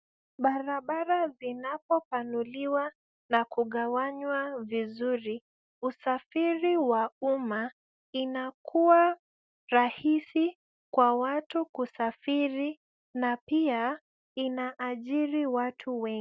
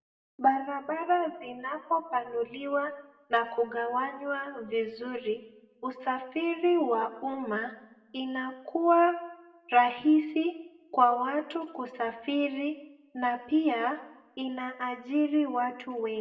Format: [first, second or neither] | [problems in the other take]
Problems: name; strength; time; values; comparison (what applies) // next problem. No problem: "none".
first | room echo; dies away in 0.7 s